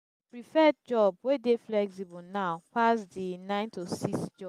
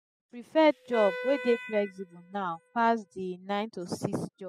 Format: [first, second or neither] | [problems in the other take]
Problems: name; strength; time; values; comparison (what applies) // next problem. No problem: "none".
first | noise reduction (classical method spectral subtraction)